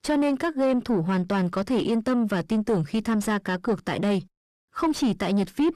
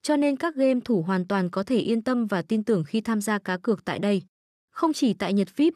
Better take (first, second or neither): second